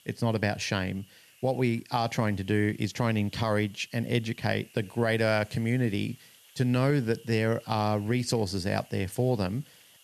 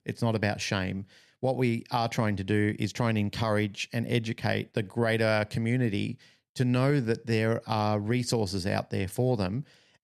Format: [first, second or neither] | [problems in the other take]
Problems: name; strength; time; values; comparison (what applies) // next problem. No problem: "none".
second | hiss; faint; throughout; 25 dB below the speech